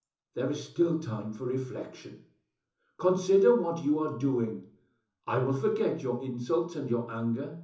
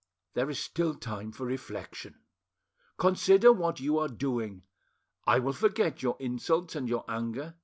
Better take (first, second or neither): second